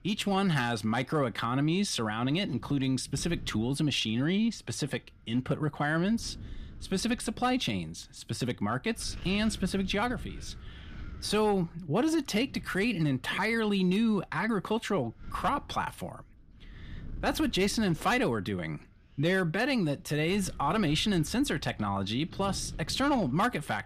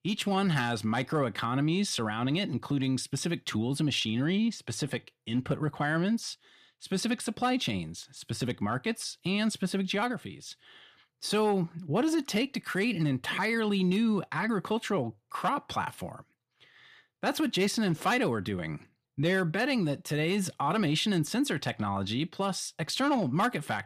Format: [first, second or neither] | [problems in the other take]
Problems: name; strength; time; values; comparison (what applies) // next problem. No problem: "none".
second | wind noise on the microphone; occasional gusts; 25 dB below the speech